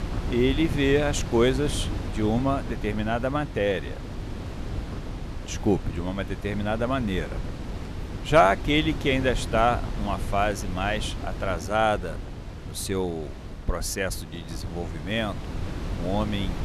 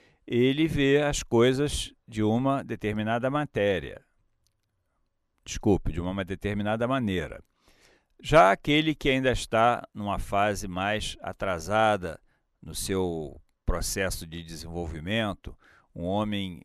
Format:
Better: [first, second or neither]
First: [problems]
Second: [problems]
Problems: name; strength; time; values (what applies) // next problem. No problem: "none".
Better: second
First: wind noise on the microphone; occasional gusts; 15 dB below the speech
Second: none